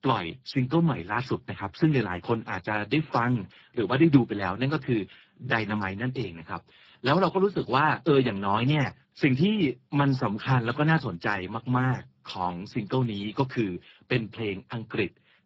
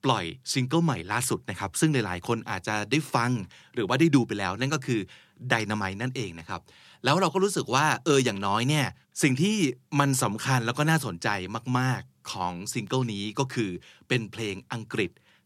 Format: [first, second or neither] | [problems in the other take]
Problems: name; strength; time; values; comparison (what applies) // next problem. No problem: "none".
second | garbled, watery; badly